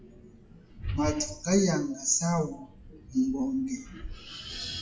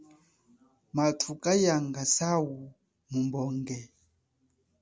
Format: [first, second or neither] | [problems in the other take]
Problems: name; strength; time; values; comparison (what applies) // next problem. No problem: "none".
second | noise reduction (classical method WPE with log-MMSE)